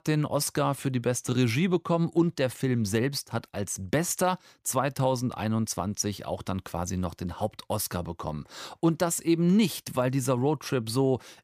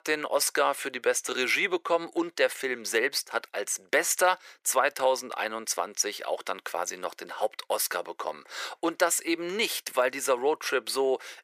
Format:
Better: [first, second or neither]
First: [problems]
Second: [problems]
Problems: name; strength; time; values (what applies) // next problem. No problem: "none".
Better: first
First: none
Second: thin; very; fading below 450 Hz